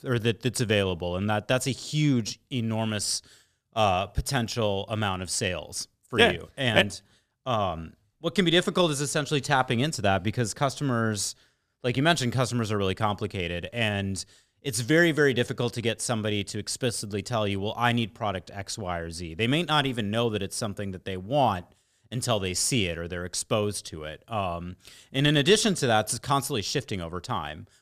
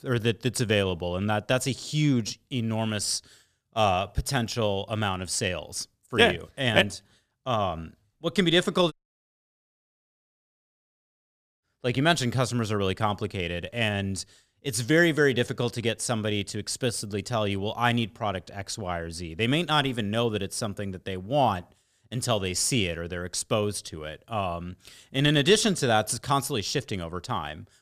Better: first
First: none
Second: audio cutting out; at 9 s for 2.5 s

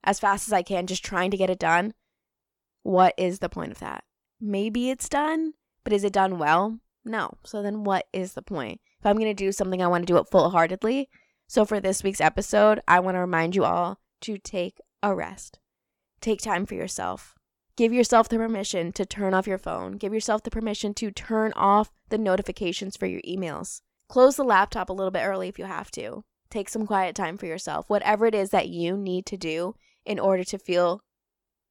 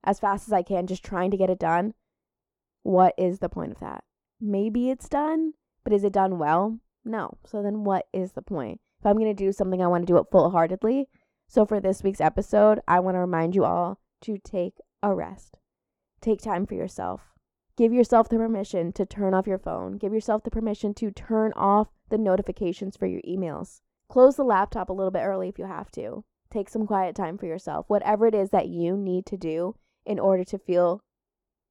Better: first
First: none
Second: muffled; slightly; fading above 1.5 kHz

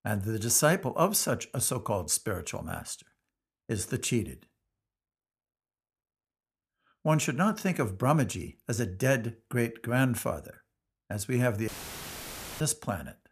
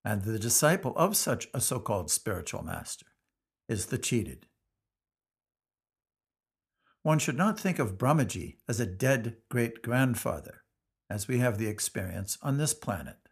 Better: second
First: audio cutting out; filled with static; at 12 s for 1 s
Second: none

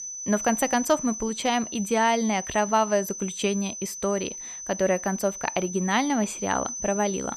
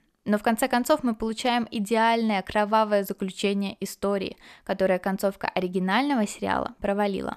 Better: second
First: high-pitched whine; loud; throughout; 6 kHz, 8 dB below the speech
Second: none

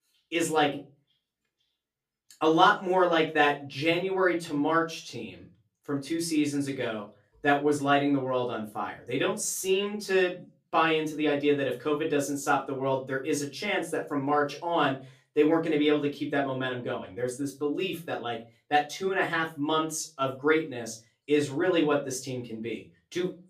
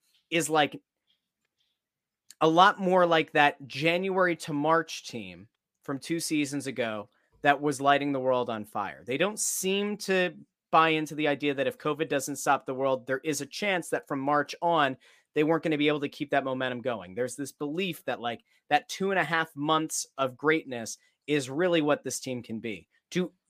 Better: second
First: off-mic speech; far // room echo; very slight; dies away in 0.3 s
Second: none

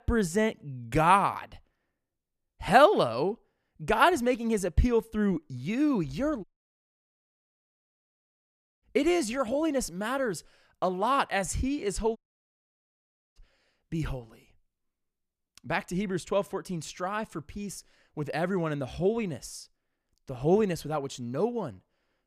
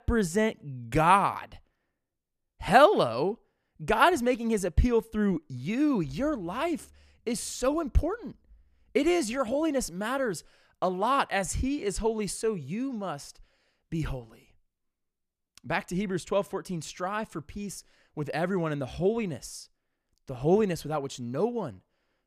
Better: second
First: audio cutting out; at 6.5 s for 2.5 s and at 12 s for 1 s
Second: none

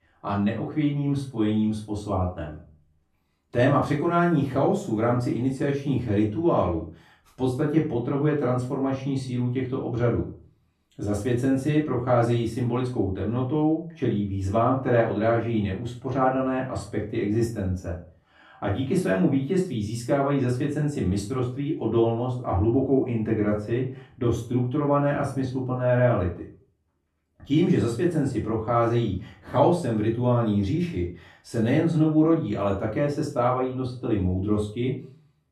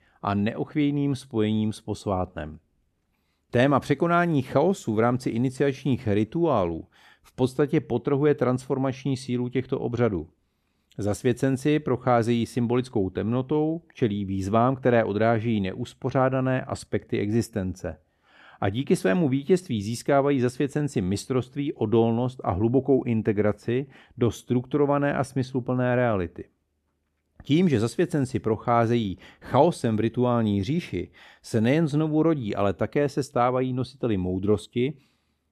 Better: second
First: off-mic speech; far // room echo; slight; dies away in 0.3 s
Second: none

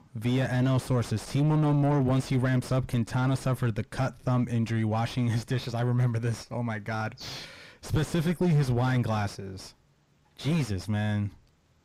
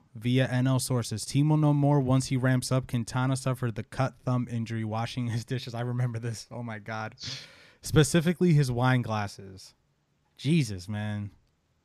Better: second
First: distortion; heavy; 6 dB below the speech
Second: none

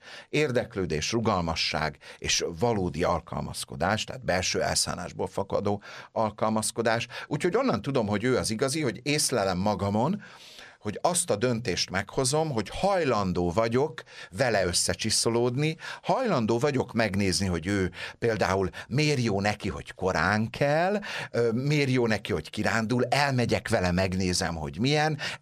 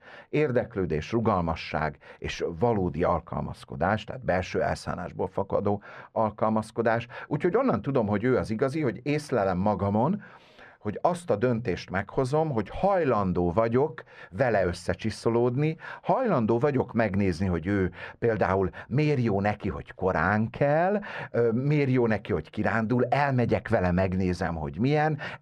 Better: first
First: none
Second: muffled; very; fading above 3 kHz

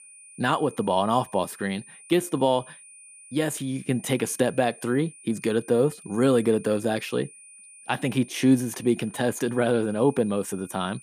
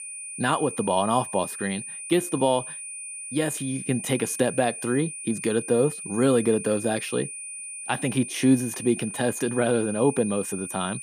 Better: first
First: high-pitched whine; faint; throughout; 9.5 kHz, 20 dB below the speech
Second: high-pitched whine; loud; throughout; 9.5 kHz, 9 dB below the speech

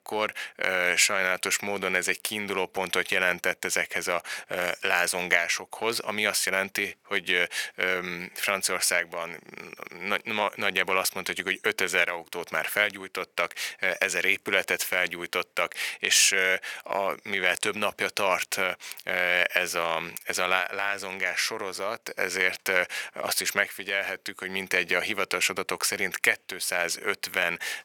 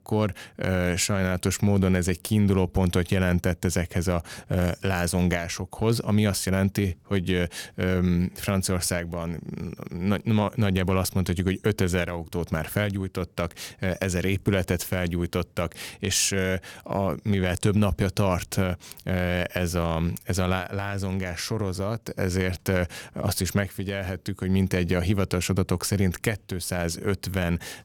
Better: second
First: thin; very; fading below 600 Hz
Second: none

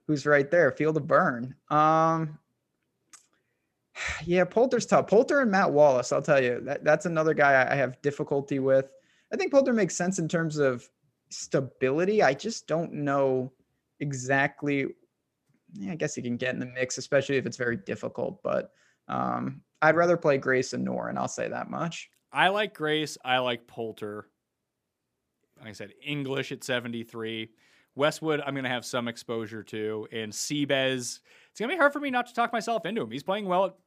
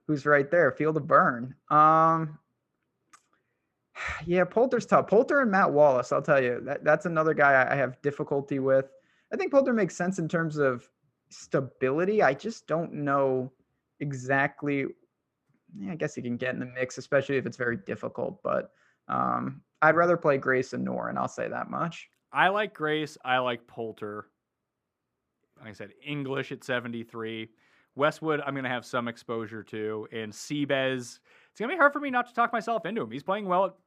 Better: first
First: none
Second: muffled; slightly; fading above 3 kHz

